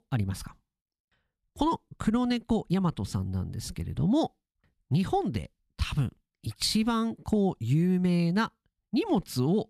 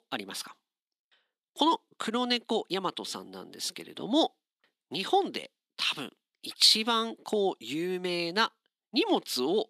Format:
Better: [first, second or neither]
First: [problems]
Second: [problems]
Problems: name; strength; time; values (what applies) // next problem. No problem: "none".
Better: first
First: none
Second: thin; somewhat; fading below 300 Hz